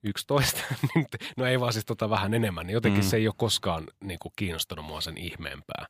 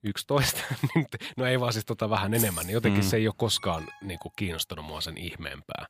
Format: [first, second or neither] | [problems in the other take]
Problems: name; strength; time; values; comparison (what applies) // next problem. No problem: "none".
first | jangling keys; noticeable; at 2.5 s; peak 1 dB below the speech // alarm; faint; at 3.5 s; peak 15 dB below the speech